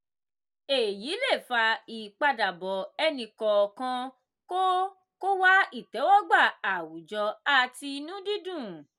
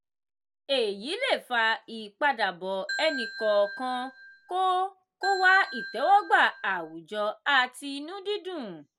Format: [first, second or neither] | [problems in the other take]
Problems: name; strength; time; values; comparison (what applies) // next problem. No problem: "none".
first | background sound (Ringtone / Bell); 10 dB below the speech